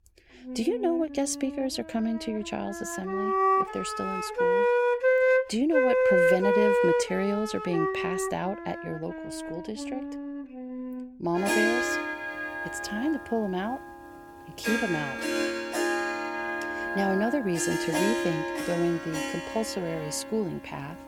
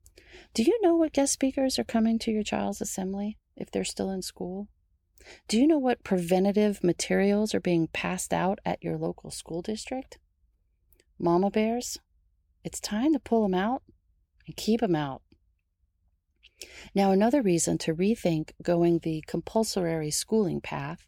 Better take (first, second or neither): second